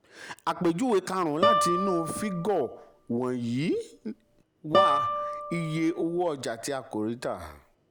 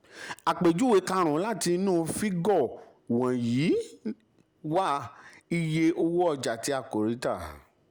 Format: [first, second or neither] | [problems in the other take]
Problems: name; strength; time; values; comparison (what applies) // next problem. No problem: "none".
second | background sound (Guitar); 1 dB below the speech